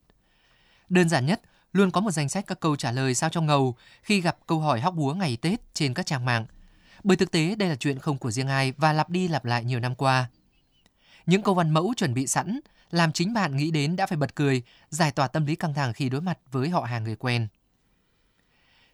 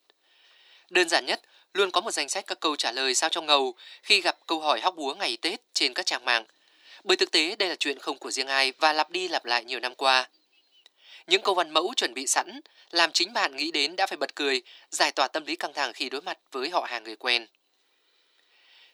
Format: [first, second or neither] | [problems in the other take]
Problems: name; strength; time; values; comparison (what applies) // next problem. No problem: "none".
first | thin; very; fading below 350 Hz